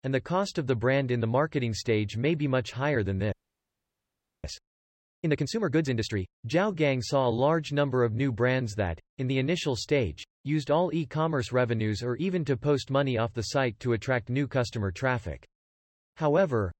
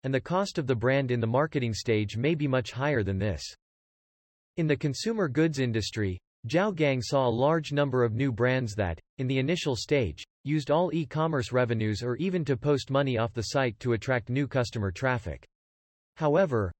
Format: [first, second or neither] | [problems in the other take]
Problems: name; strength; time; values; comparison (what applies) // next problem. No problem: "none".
second | audio freezing; at 3.5 s for 1 s